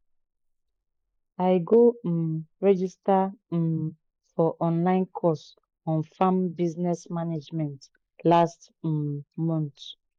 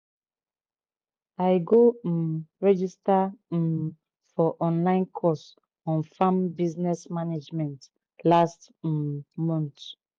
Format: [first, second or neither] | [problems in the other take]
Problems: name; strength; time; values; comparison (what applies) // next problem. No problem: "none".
second | noise reduction (neural mask model Resemble Enhance denoiser)